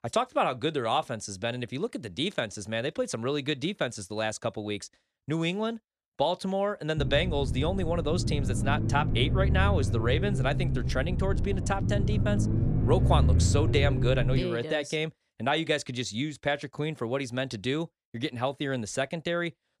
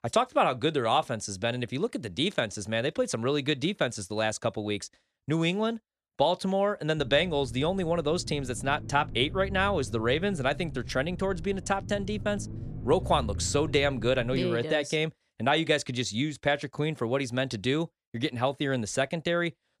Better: second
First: low rumble; loud; from 7 to 14 s; 8 dB below the speech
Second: low rumble; faint; from 7 to 14 s; 20 dB below the speech

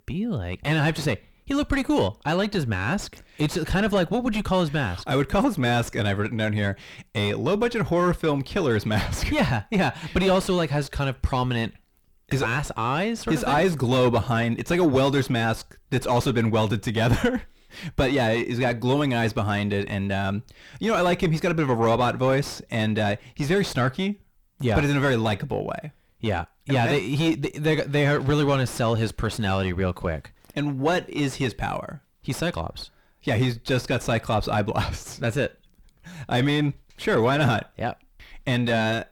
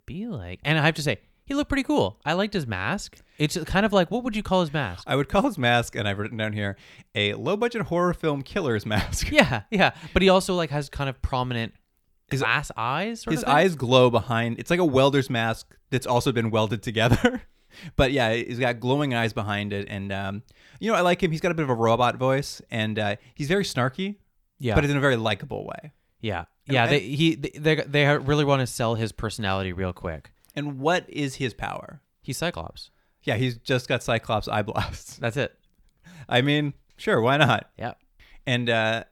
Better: second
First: distortion; heavy; 6 dB below the speech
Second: none

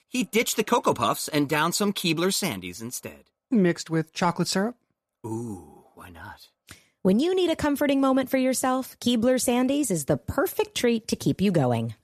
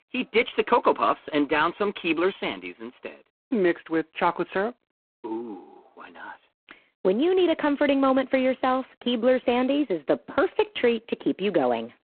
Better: first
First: none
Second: phone-call audio; poor line

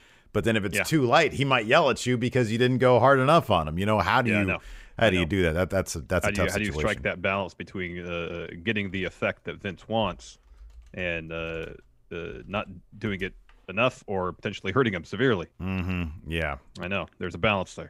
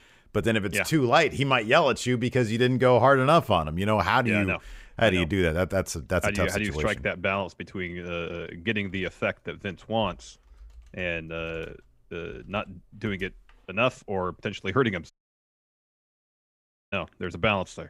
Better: first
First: none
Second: audio cutting out; at 15 s for 2 s

